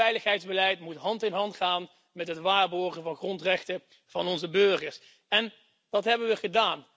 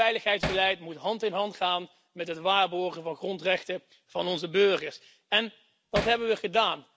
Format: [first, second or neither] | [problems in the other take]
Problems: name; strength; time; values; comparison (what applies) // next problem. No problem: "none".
first | background sound (Hammer); 6 dB below the speech